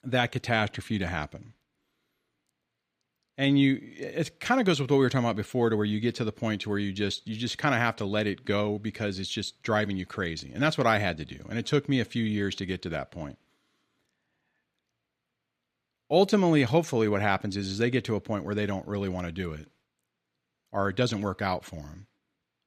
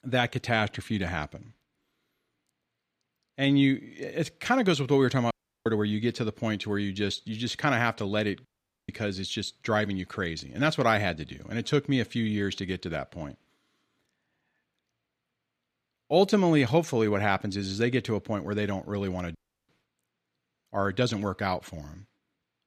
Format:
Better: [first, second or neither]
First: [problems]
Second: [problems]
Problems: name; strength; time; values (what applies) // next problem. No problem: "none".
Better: first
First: none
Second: audio cutting out; at 5.5 s, at 8.5 s and at 19 s